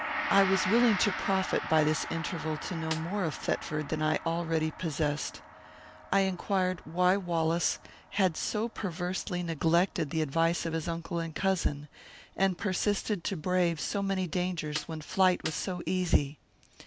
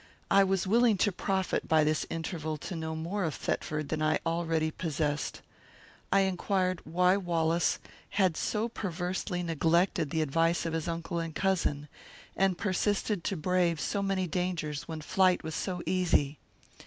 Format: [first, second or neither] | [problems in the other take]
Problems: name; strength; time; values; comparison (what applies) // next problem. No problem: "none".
second | background sound (Gong + Snare drum); 12 dB below the speech